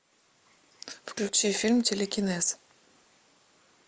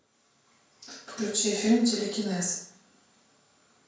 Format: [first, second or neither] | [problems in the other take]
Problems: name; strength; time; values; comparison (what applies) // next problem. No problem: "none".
first | room echo; dies away in 0.5 s